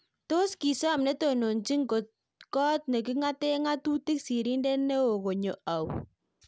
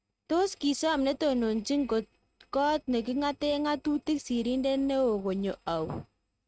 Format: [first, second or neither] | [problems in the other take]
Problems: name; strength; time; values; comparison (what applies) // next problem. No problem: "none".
first | noise reduction (neural mask model RNNoise)